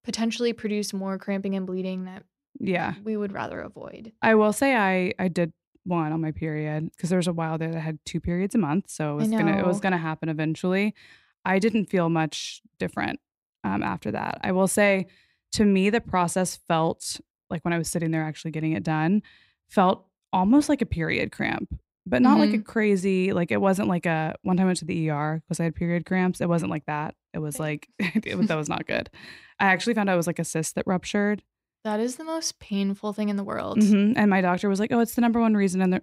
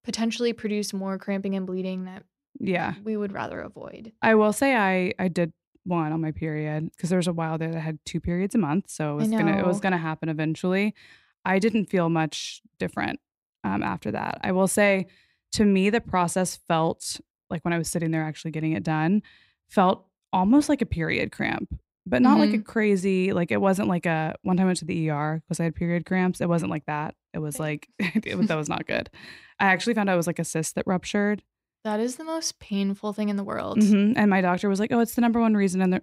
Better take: neither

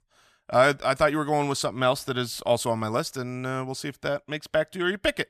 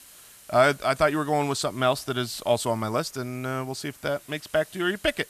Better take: first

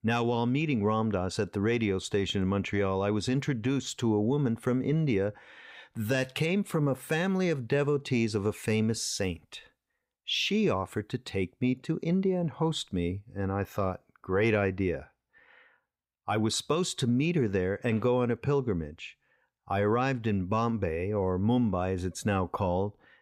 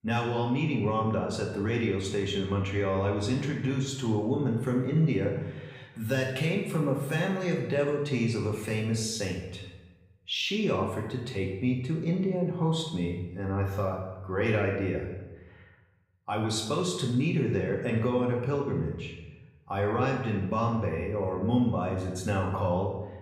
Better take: first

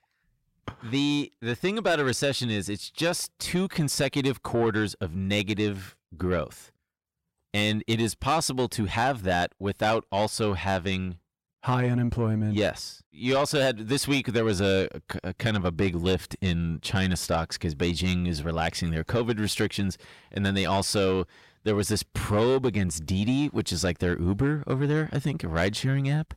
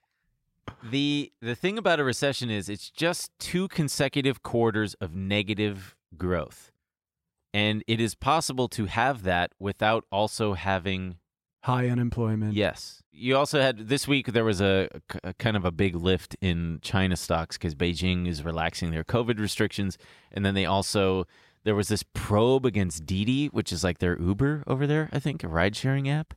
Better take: second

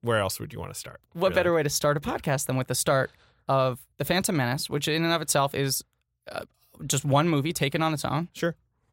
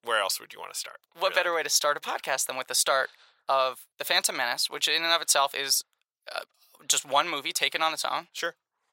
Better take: first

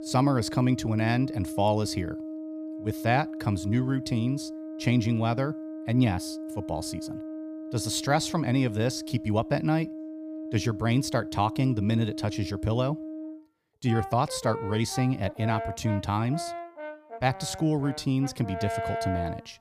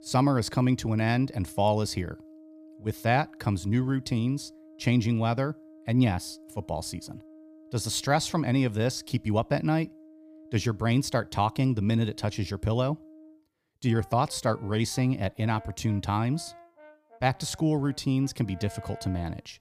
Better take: second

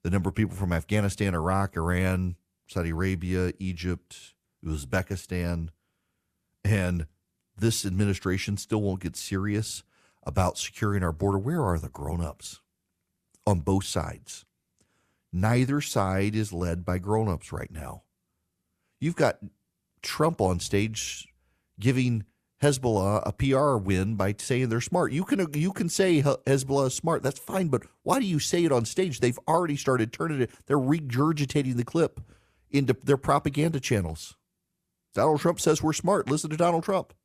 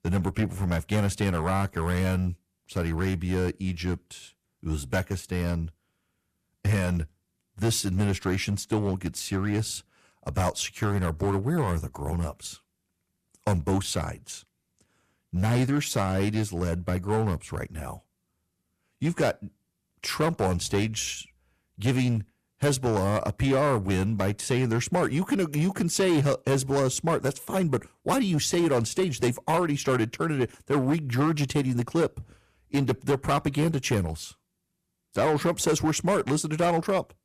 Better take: first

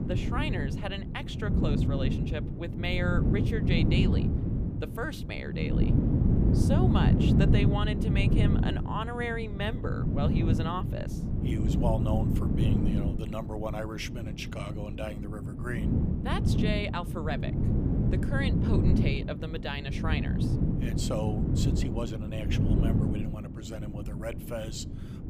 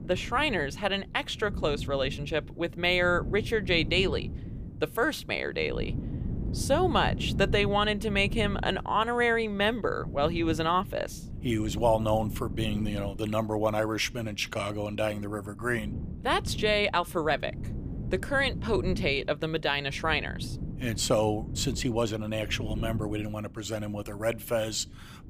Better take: second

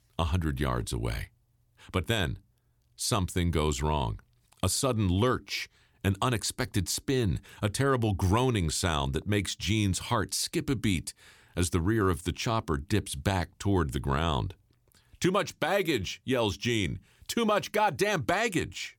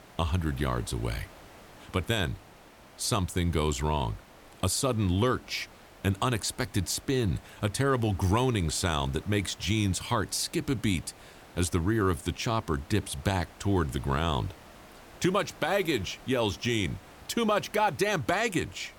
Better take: first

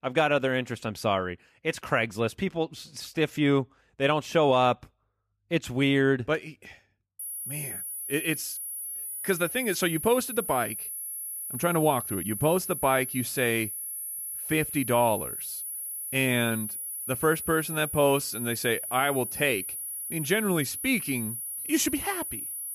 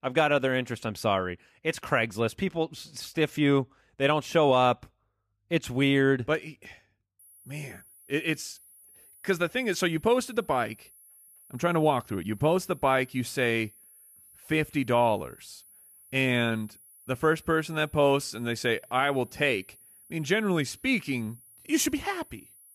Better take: second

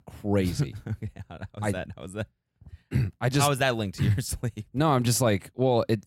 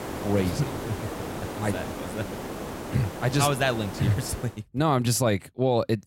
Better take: first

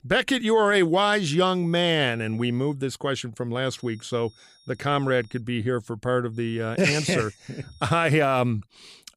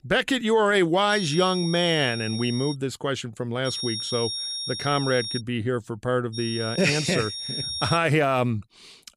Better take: first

